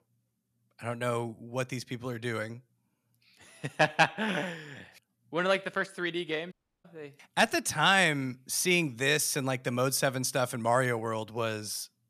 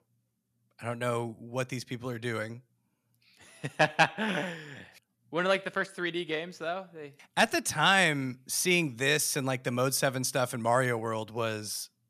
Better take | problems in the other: second | audio cutting out; at 6.5 s

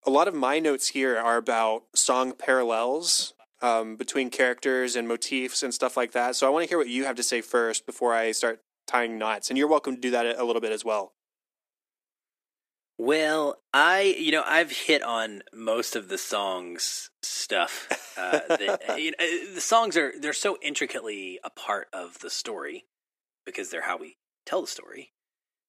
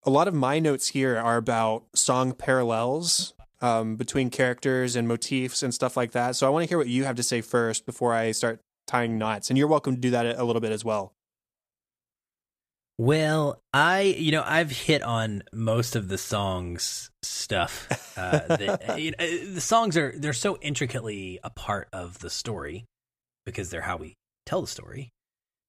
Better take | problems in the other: second | thin; somewhat; fading below 250 Hz

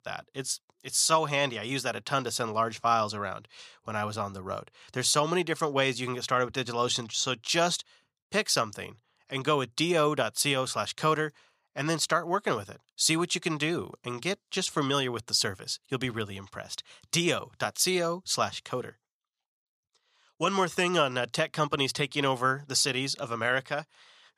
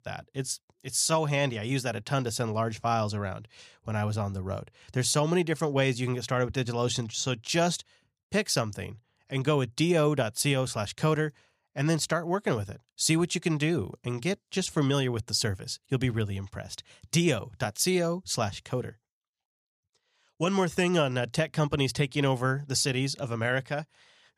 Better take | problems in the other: second | thin; somewhat; fading below 700 Hz

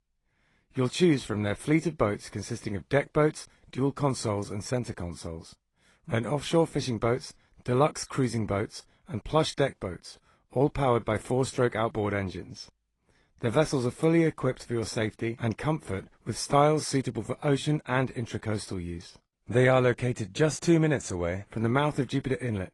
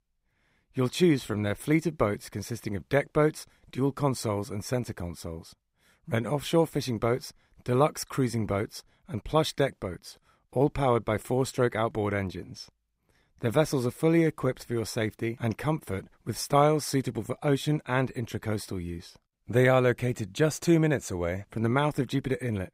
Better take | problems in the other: second | garbled, watery; slightly; nothing above 10.5 kHz

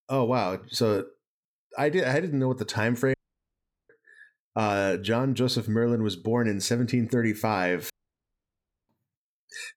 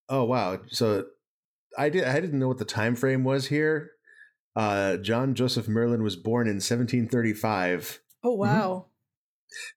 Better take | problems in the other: second | audio cutting out; at 3 s for 1 s and at 8 s for 1 s

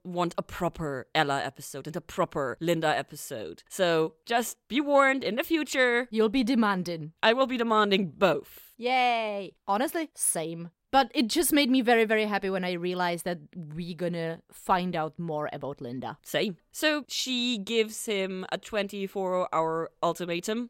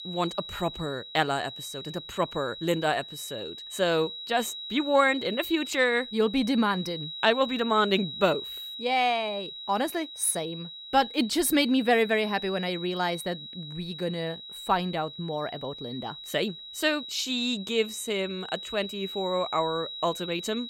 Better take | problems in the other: first | high-pitched whine; loud; throughout; 4 kHz, 10 dB below the speech

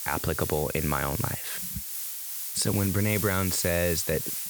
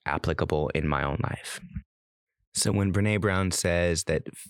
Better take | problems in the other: second | hiss; loud; throughout; 2 dB below the speech

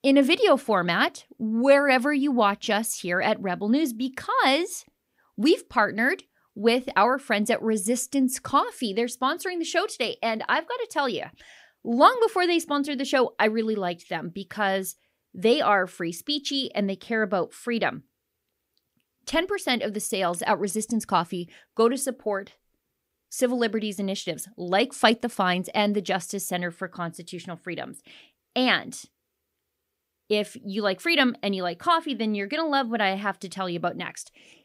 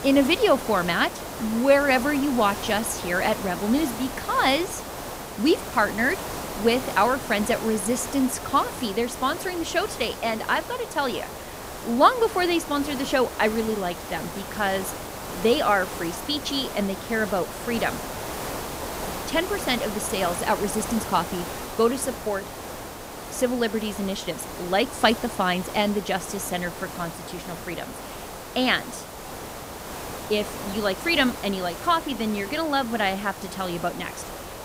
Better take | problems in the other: first | hiss; loud; throughout; 9 dB below the speech

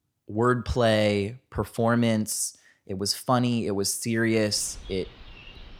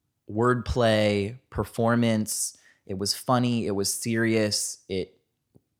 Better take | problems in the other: second | animal sounds; faint; from 4.5 s on; 20 dB below the speech

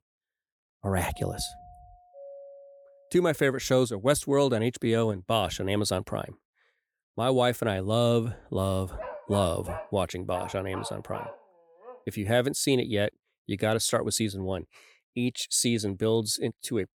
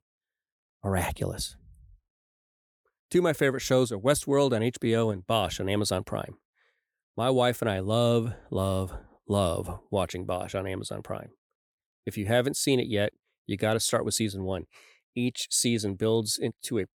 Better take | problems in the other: second | doorbell; faint; from 1 to 3 s; peak 15 dB below the speech // dog barking; faint; from 9 to 12 s; peak 10 dB below the speech

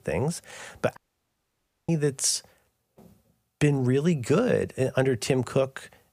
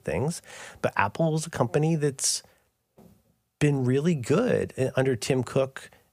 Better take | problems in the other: second | audio cutting out; at 1 s for 1 s

